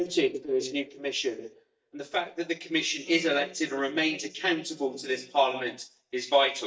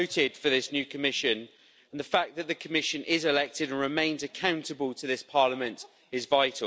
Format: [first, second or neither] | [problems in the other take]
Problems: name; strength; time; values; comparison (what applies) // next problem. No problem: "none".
second | noise reduction (neural mask model DeepFilterNet 3)